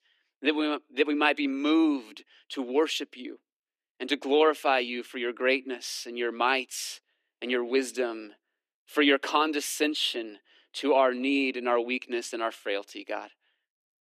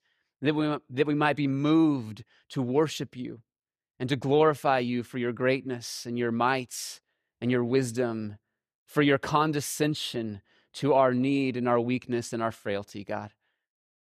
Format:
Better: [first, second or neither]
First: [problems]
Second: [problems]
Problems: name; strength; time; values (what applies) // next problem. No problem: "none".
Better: second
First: thin; very slightly; fading below 250 Hz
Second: none